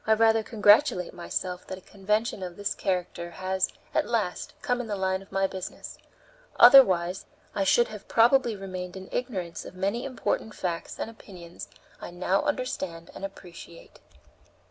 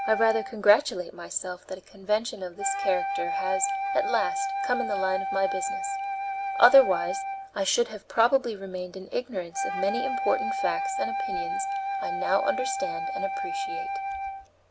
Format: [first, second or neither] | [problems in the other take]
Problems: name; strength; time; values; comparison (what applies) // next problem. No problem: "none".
first | background sound (Wind instrument, woodwind instrument); 3 dB below the speech